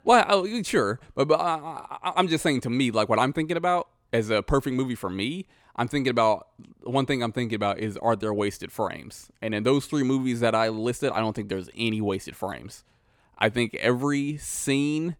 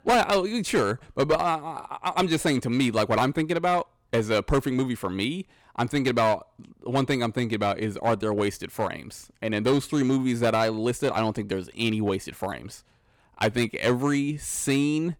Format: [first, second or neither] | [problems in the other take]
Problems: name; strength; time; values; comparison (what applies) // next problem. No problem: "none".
first | distortion; slight; 4% of the sound clipped